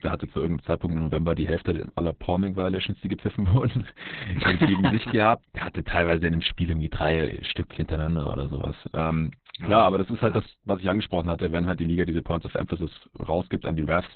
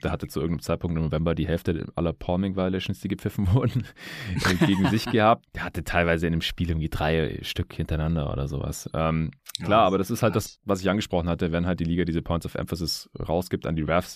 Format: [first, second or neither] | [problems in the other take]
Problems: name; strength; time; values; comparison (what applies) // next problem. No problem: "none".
second | garbled, watery; badly; nothing above 4 kHz